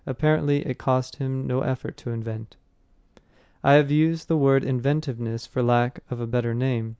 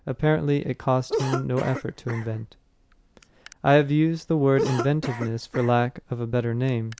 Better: first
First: none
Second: background sound (Cough); 11 dB below the speech

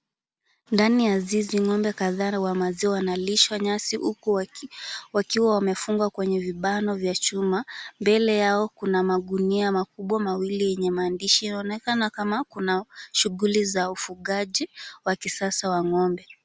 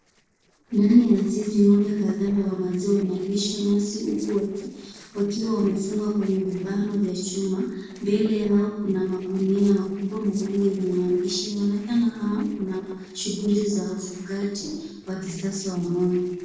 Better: first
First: none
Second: noise reduction (neural separator model SepFormer DNS4)

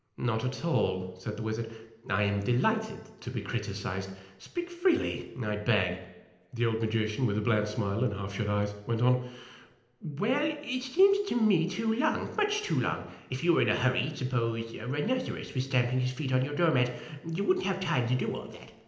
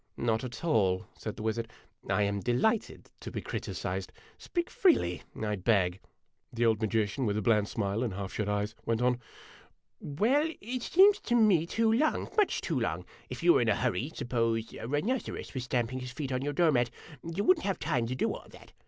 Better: second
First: room echo; dies away in 0.8 s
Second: none

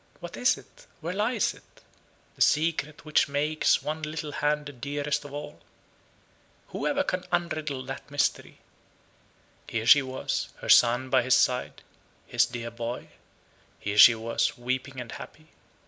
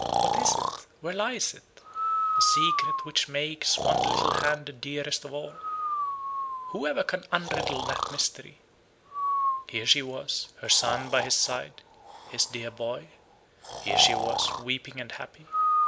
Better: first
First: none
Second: background sound (Breathing); as loud as the speech

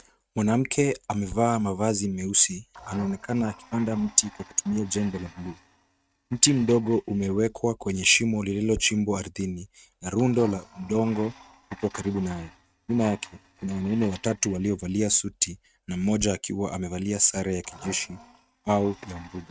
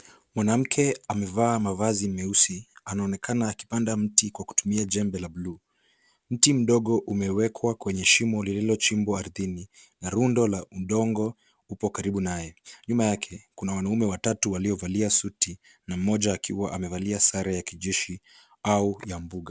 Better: second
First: noise reduction (neural mask model RNNoise)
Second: none

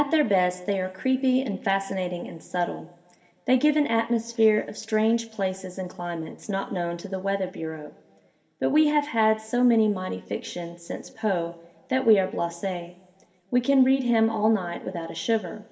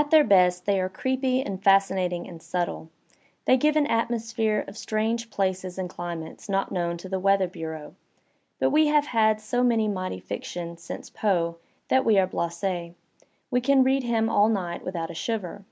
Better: second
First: room echo; dies away in 1.6 s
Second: none

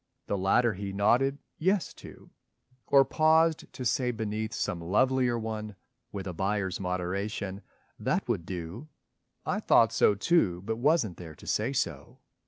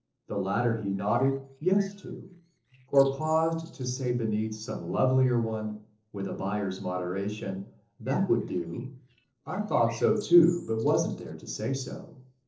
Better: first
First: none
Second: noise reduction (neural separator model SepFormer DNS4)

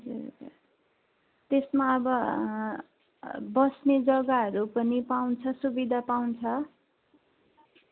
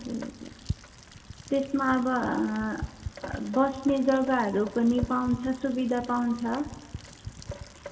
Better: first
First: none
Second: background sound (Rain); 12 dB below the speech // room echo; dies away in 1.6 s

